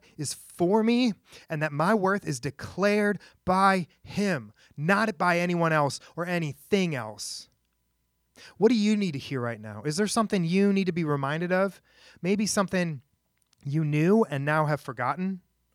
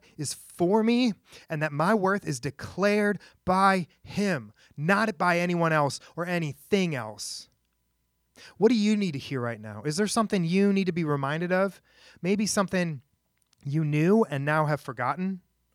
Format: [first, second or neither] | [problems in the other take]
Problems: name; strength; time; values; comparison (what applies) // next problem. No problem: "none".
neither | none